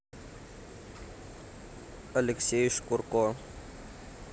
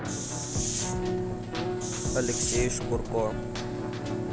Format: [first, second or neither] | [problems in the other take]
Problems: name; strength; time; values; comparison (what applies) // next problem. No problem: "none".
first | background sound (Hiss + Keyboard (musical)); 4 dB above the speech